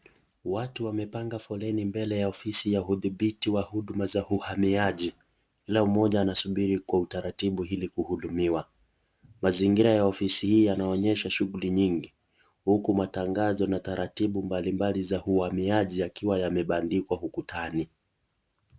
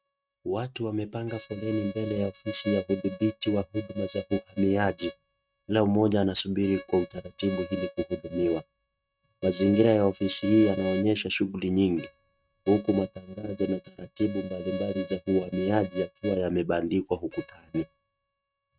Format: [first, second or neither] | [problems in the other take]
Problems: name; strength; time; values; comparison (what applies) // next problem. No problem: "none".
first | noise reduction (neural mask model RNNoise)